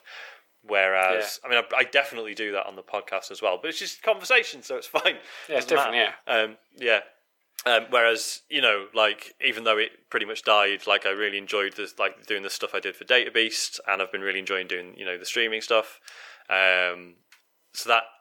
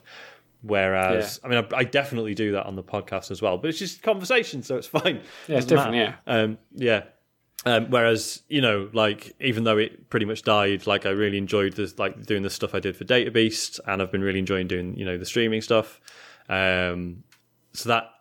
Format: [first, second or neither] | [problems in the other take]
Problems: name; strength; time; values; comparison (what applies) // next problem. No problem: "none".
second | thin; very; fading below 650 Hz